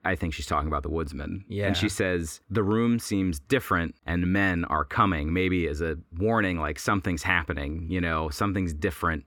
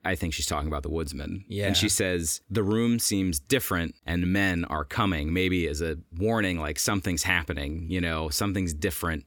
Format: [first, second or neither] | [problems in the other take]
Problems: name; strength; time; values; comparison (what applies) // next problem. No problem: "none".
second | muffled; slightly; fading above 3.5 kHz